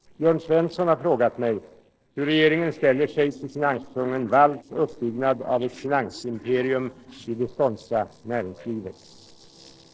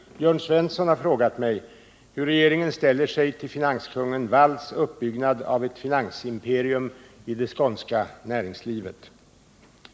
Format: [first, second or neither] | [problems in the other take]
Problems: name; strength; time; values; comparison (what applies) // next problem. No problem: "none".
second | noise reduction (neural separator model SepFormer DNS4)